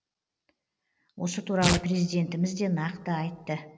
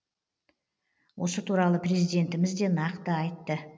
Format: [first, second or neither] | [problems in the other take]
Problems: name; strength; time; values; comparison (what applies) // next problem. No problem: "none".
second | background sound (Tearing); 4 dB below the speech